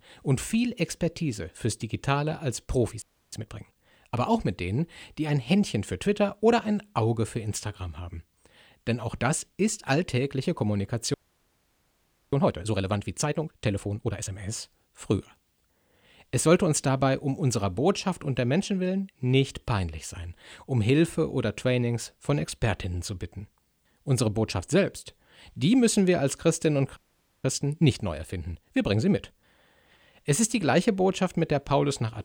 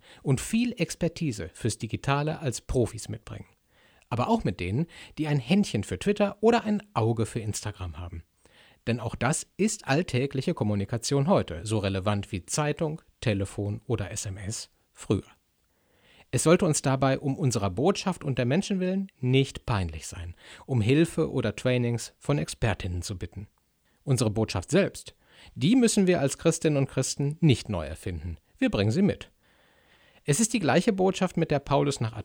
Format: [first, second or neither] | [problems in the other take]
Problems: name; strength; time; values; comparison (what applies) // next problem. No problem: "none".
second | audio freezing; at 3 s, at 11 s for 1 s and at 27 s